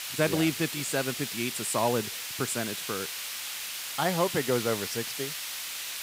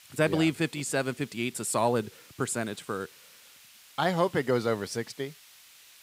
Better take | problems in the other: second | hiss; loud; throughout; 3 dB below the speech; faint in the second

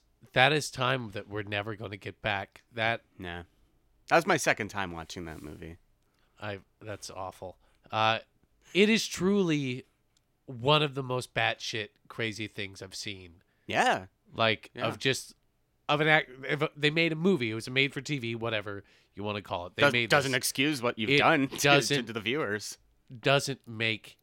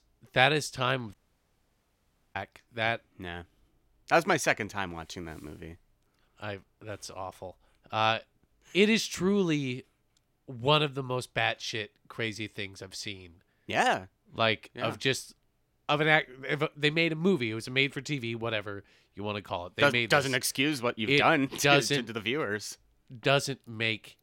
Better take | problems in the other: first | audio cutting out; at 1 s for 1 s

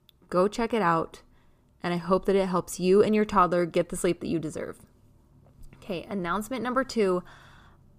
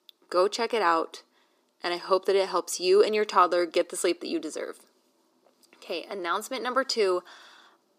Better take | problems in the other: first | thin; somewhat; fading below 300 Hz

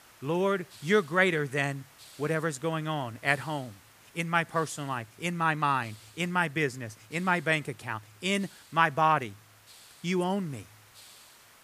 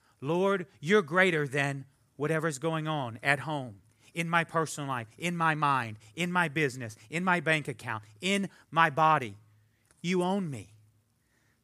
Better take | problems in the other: second | hiss; faint; throughout; 25 dB below the speech

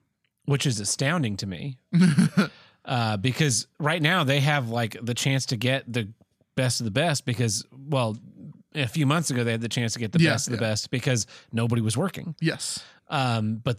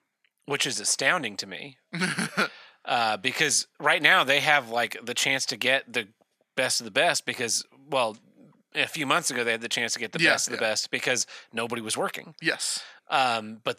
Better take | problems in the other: first | thin; very; fading below 450 Hz

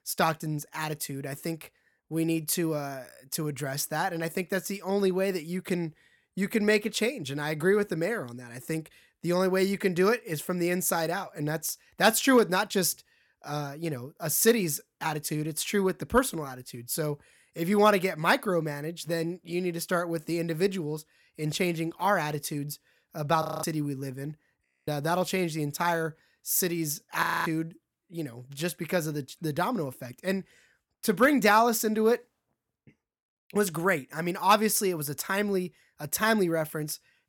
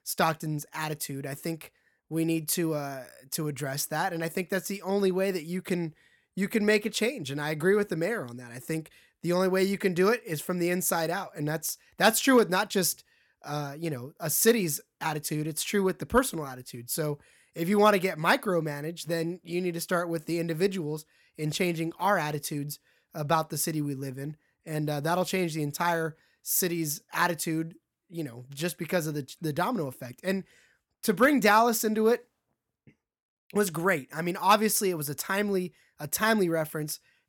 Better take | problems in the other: second | audio freezing; at 23 s, at 25 s and at 27 s

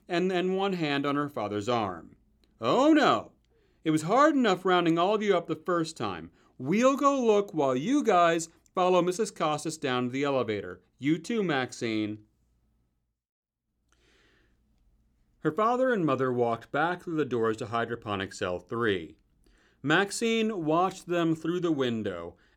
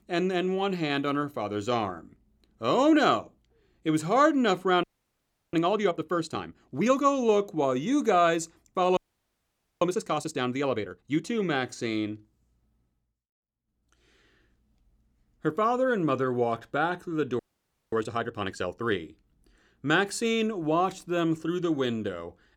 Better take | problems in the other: first | audio freezing; at 5 s for 0.5 s, at 9 s for 1 s and at 17 s for 0.5 s

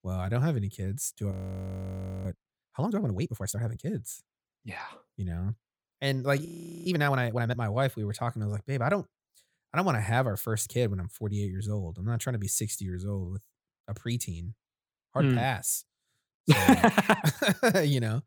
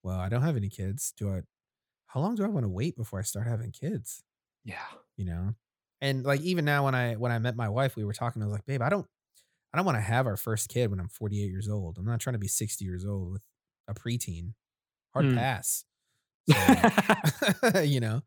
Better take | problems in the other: second | audio freezing; at 1.5 s for 1 s and at 6.5 s

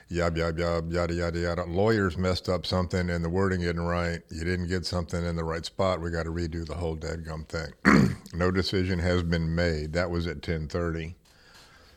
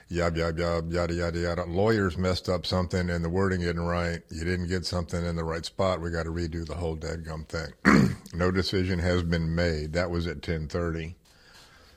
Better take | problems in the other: first | garbled, watery; slightly; nothing above 15 kHz

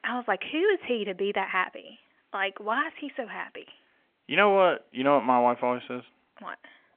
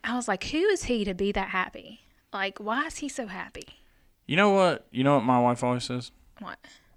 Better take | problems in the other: second | phone-call audio; nothing above 3 kHz

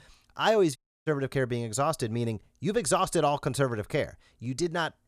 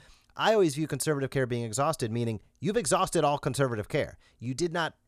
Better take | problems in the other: second | audio cutting out; at 1 s

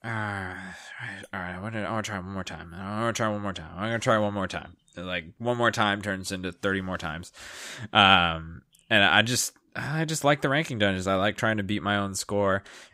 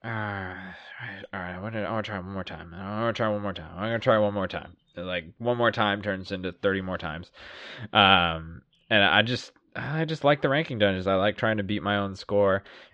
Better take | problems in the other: first | muffled; slightly; fading above 4 kHz

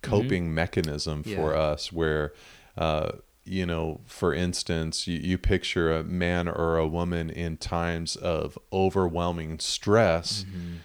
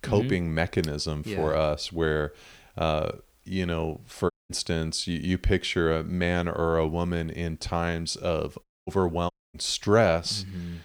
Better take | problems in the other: first | audio cutting out; at 4.5 s, at 8.5 s and at 9.5 s

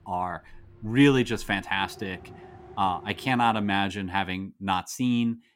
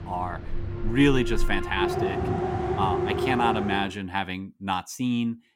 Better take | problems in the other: first | alarms or sirens; loud; until 4 s; 2 dB below the speech; faint in the first

